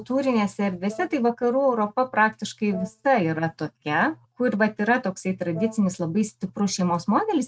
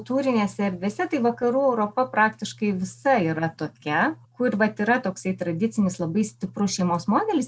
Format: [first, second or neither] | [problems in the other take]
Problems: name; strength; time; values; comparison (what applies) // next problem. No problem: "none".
second | noise reduction (neural mask model RNNoise)